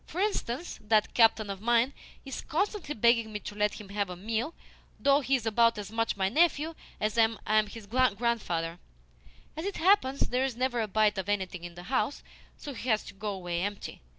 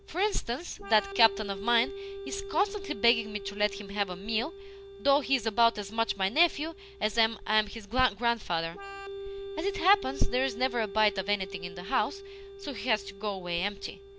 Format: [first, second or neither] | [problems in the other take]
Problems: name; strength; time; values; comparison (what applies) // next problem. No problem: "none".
first | background sound (Organ); 13 dB below the speech